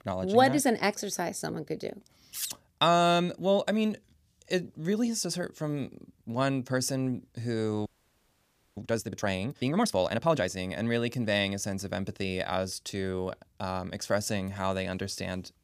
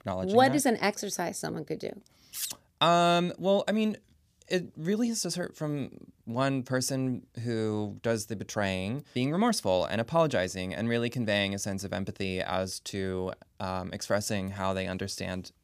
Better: second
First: audio freezing; at 8 s for 1 s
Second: none

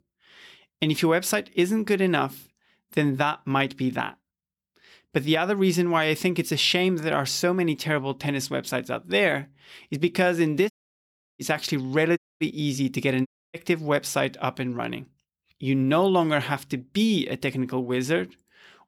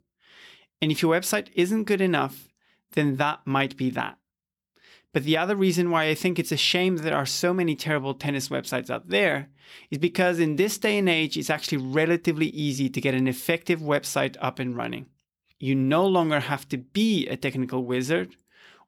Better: second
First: audio cutting out; at 11 s for 0.5 s, at 12 s and at 13 s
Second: none

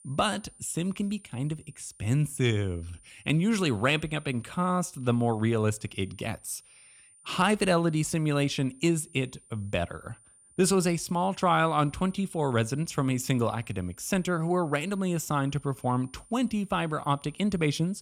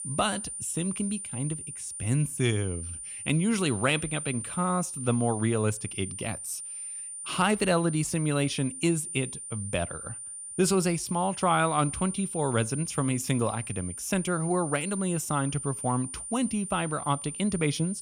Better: first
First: high-pitched whine; faint; throughout; 9 kHz, 25 dB below the speech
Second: high-pitched whine; loud; throughout; 9 kHz, 7 dB below the speech

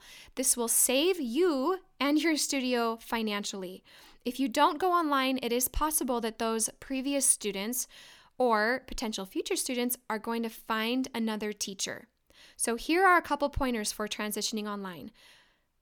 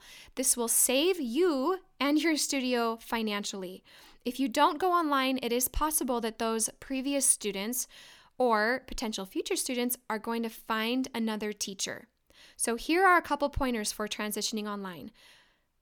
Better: neither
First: none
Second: none

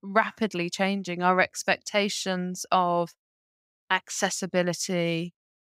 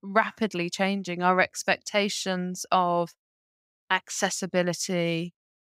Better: neither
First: none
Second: none

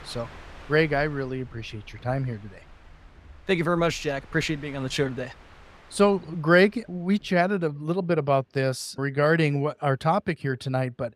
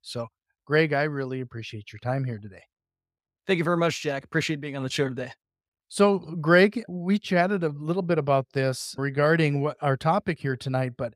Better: second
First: train or aircraft noise; faint; throughout; 25 dB below the speech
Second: none

